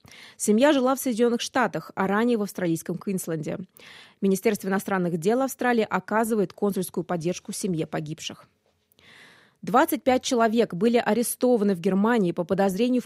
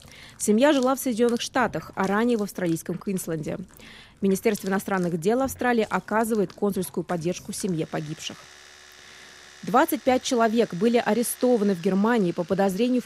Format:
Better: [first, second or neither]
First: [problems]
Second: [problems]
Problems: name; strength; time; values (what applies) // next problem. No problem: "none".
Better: first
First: none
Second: household noises; faint; throughout; 20 dB below the speech